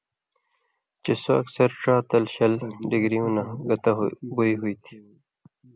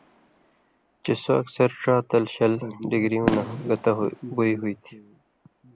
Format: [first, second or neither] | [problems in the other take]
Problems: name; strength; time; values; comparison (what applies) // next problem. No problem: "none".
first | background sound (Fireworks); 13 dB below the speech